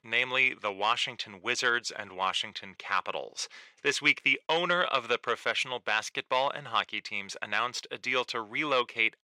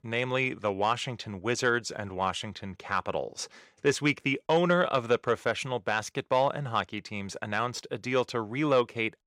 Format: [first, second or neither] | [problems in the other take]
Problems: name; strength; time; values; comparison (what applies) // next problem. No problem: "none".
second | thin; somewhat; fading below 950 Hz